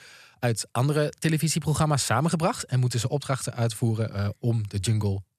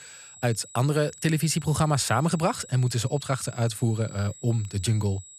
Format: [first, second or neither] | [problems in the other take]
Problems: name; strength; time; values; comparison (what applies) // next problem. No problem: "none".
first | high-pitched whine; noticeable; throughout; 8 kHz, 20 dB below the speech